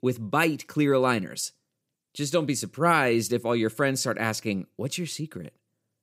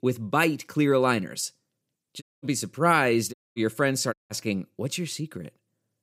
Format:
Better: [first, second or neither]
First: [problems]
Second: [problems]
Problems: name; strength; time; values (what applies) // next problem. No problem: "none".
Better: first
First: none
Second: audio cutting out; at 2 s, at 3.5 s and at 4 s